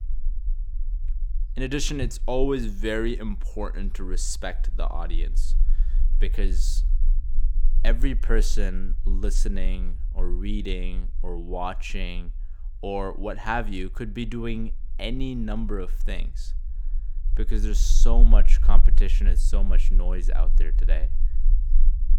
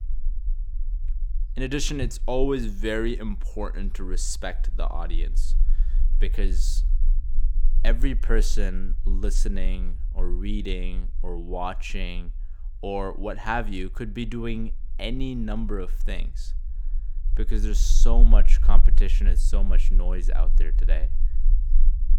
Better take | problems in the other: neither | low rumble; faint; throughout; 20 dB below the speech; the same in both

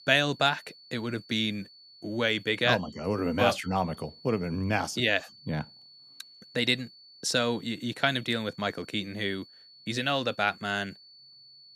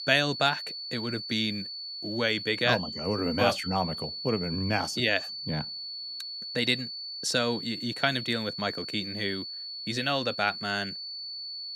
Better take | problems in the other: first | high-pitched whine; loud; throughout; 4.5 kHz, 6 dB below the speech; faint in the first

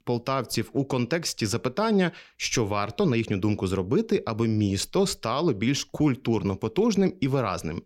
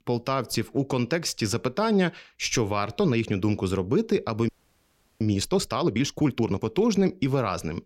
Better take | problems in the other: first | audio freezing; at 4.5 s for 0.5 s

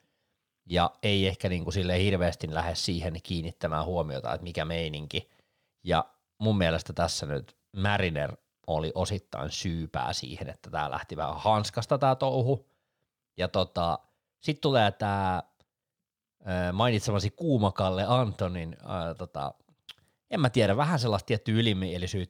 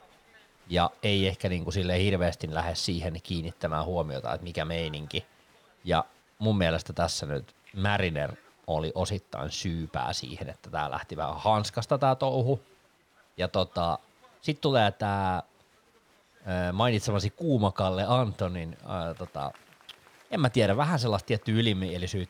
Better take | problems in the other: first | crowd noise; faint; throughout; 30 dB below the speech

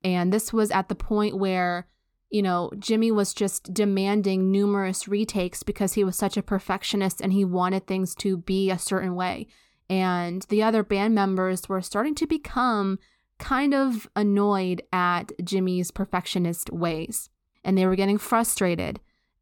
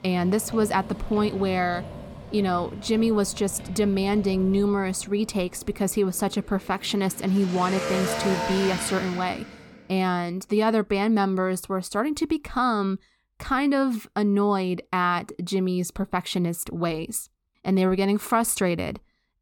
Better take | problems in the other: first | traffic noise; loud; until 9.5 s; 10 dB below the speech

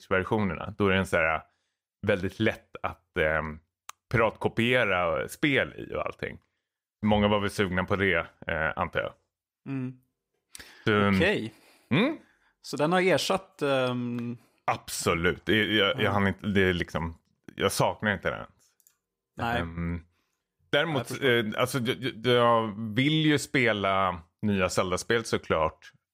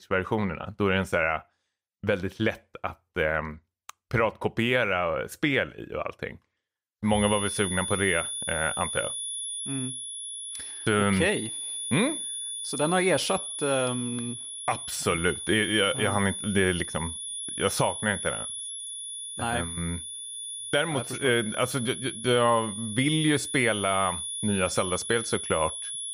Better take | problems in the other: first | high-pitched whine; loud; from 7 s on; 10.5 kHz, 5 dB below the speech

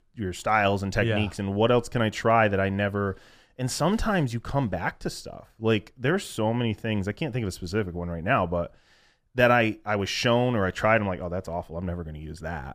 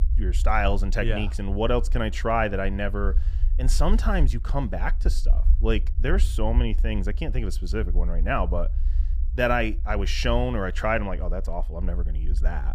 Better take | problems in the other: first | low rumble; faint; throughout; 20 dB below the speech

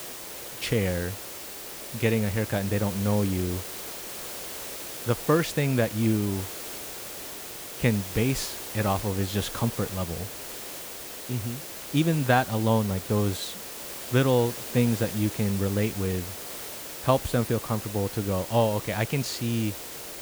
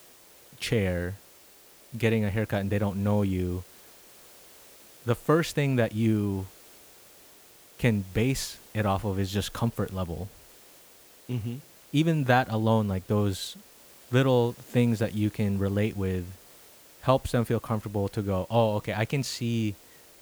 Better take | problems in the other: second | hiss; loud; throughout; 8 dB below the speech; faint in the second

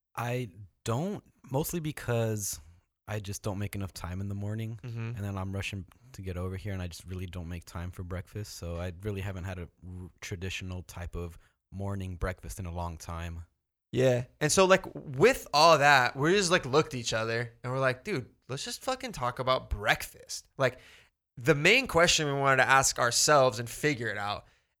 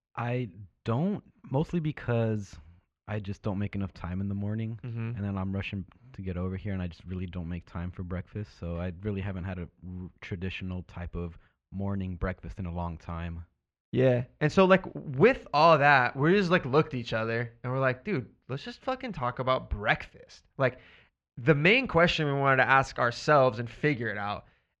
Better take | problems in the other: first | muffled; slightly; fading above 3 kHz

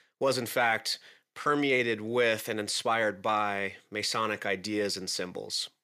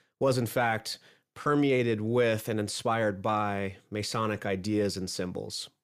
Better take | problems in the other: second | thin; very slightly; fading below 450 Hz

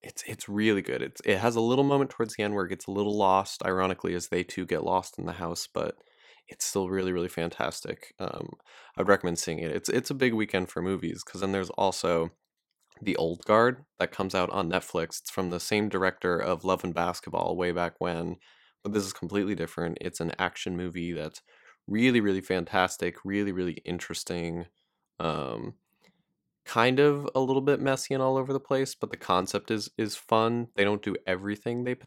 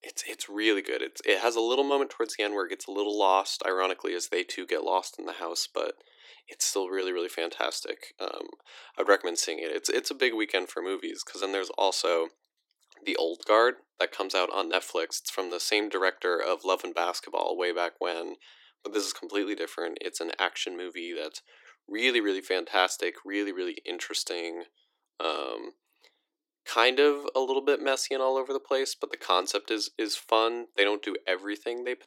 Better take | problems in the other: first | thin; somewhat; fading below 300 Hz

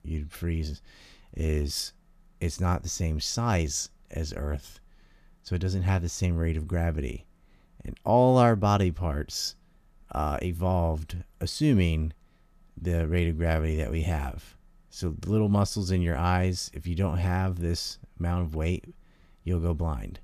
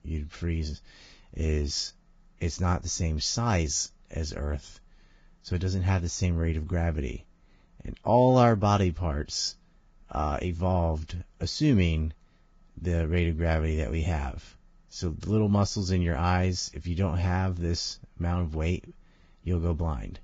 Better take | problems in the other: first | garbled, watery; badly

